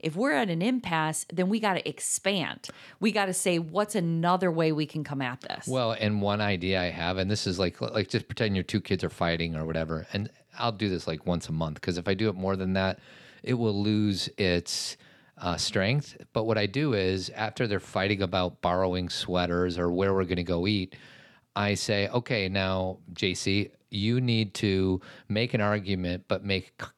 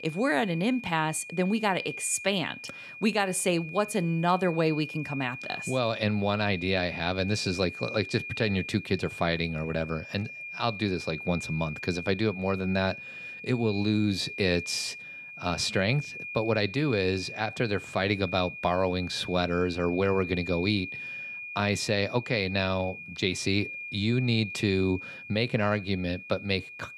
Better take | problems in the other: first | high-pitched whine; loud; throughout; 2.5 kHz, 10 dB below the speech

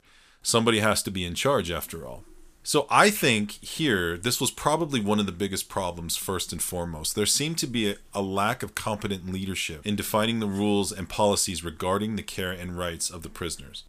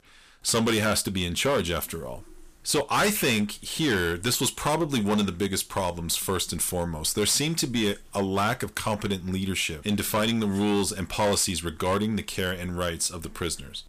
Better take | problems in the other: first | distortion; heavy; 8% of the sound clipped

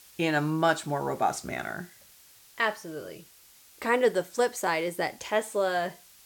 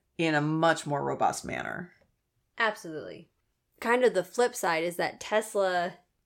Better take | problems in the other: second | hiss; faint; throughout; 25 dB below the speech

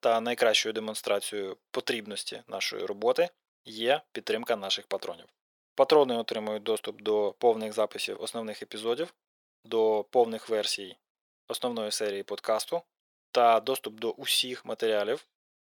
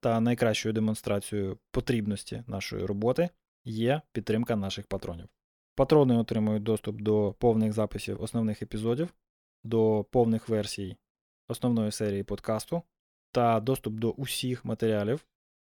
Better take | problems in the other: second | thin; very; fading below 600 Hz

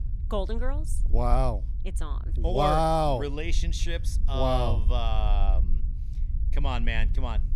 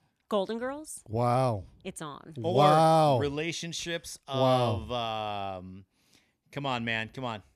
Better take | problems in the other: second | low rumble; faint; throughout; 20 dB below the speech

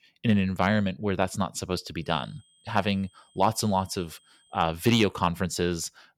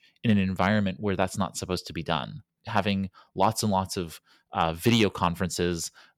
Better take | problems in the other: second | high-pitched whine; faint; from 2 to 4.5 s; 3 kHz, 35 dB below the speech

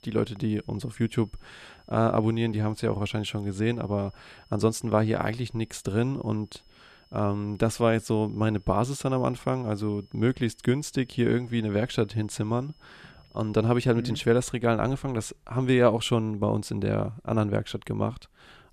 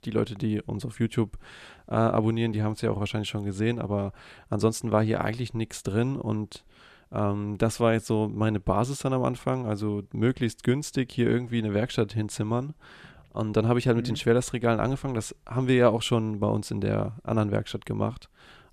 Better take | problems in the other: second | high-pitched whine; faint; until 14 s; 5 kHz, 35 dB below the speech

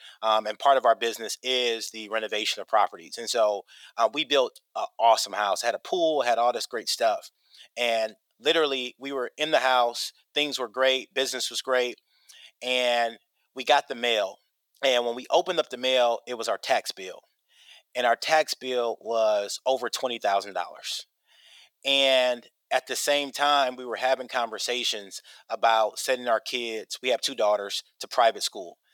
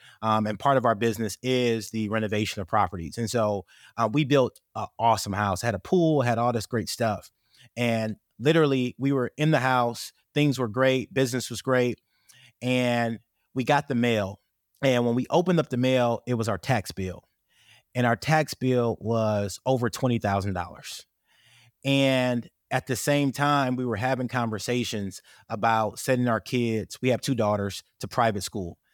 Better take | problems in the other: second | thin; very; fading below 400 Hz

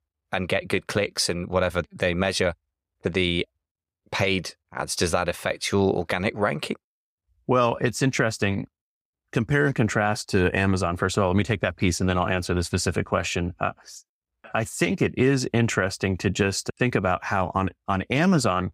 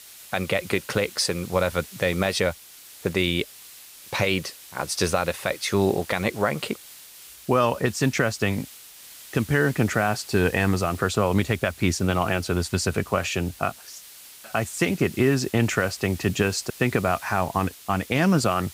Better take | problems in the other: first | hiss; noticeable; throughout; 20 dB below the speech

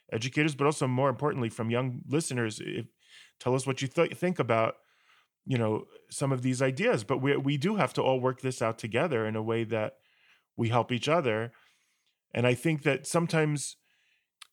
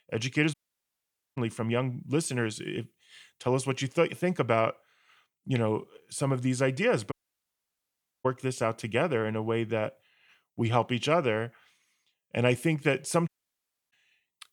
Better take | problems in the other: first | audio cutting out; at 0.5 s for 1 s, at 7 s for 1 s and at 13 s for 0.5 s

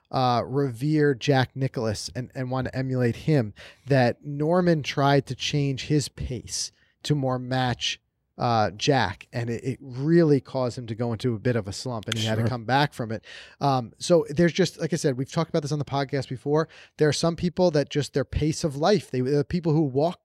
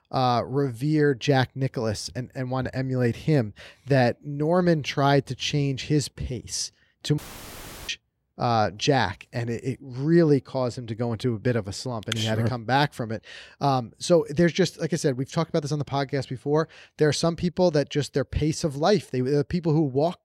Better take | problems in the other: first | audio cutting out; filled with static; at 7 s for 0.5 s

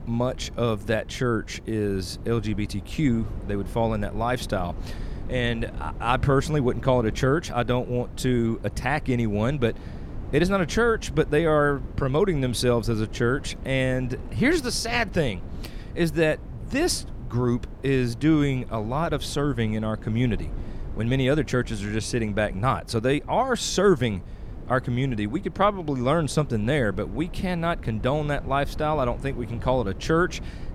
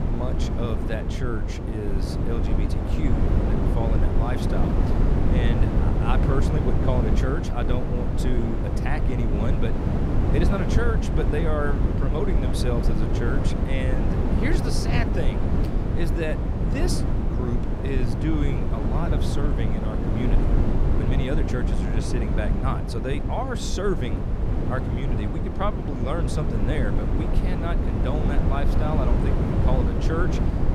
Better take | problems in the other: first | wind noise on the microphone; heavy; as loud as the speech; occasional gusts in the first

